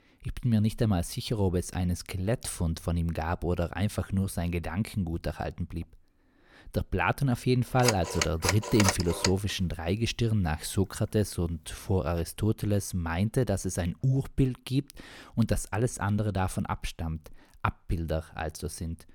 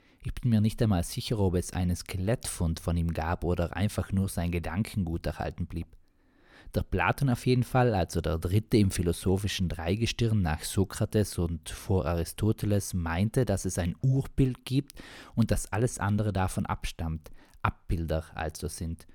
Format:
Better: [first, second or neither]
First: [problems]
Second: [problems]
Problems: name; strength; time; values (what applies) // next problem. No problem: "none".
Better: second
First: phone ringing; loud; from 8 to 9.5 s; peak 2 dB above the speech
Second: none